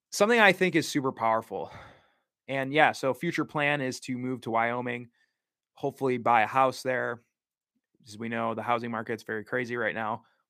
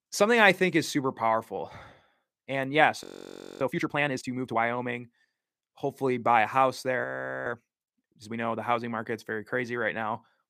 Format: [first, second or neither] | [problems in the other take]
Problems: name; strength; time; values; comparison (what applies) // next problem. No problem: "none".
first | audio freezing; at 3 s for 0.5 s and at 7 s